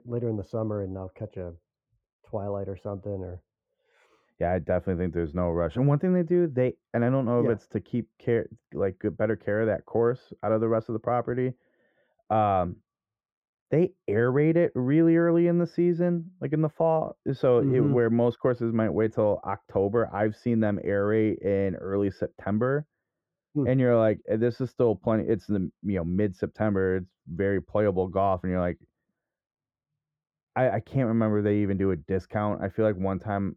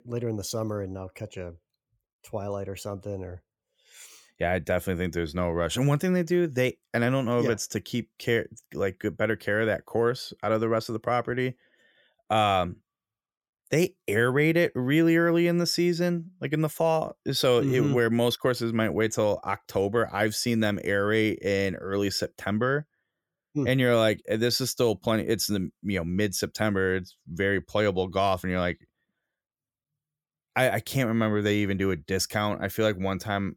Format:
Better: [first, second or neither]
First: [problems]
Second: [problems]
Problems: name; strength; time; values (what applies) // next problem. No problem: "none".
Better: second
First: muffled; very; fading above 3 kHz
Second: none